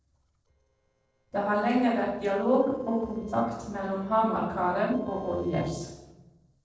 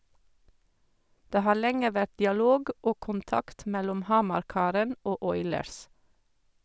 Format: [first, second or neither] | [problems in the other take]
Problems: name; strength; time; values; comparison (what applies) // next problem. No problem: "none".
second | noise reduction (neural separator model SepFormer DNS4)